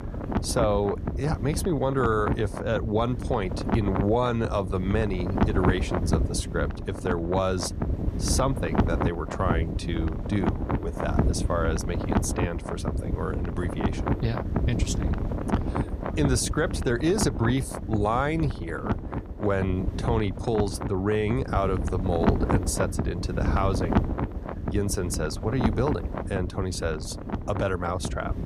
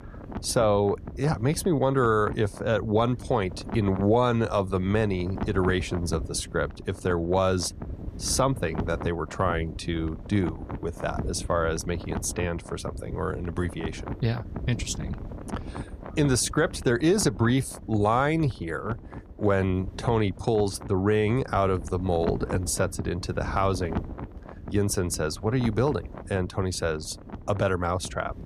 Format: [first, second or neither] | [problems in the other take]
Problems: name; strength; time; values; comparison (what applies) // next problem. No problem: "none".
second | wind noise on the microphone; heavy; 5 dB below the speech; occasional gusts in the second